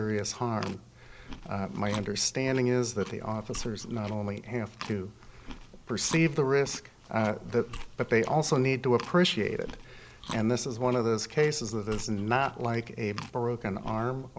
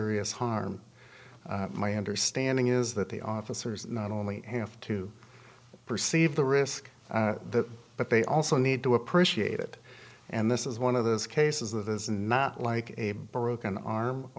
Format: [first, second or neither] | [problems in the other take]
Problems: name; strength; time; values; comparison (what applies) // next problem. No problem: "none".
second | background sound (Chewing, mastication); 16 dB below the speech